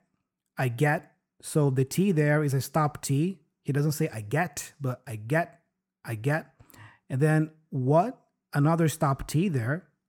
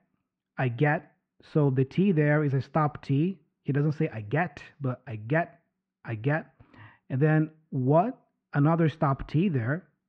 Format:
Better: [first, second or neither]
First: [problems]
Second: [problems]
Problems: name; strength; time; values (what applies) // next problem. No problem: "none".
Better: first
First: none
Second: muffled; very; fading above 3.5 kHz